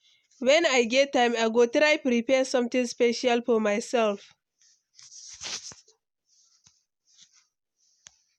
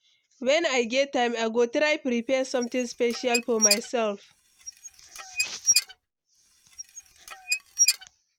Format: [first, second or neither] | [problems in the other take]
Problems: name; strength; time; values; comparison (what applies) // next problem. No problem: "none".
first | background sound (Squeak / Dishes, pots, and pans); 1 dB below the speech